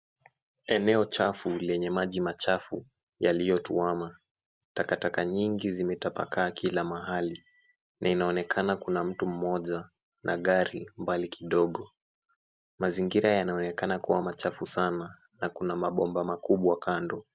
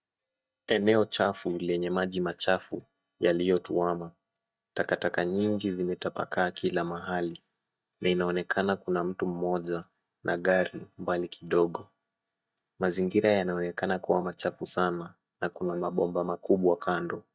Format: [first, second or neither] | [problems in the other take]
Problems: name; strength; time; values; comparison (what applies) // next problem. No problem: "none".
first | noise reduction (neural mask model DeepFilterNet 3)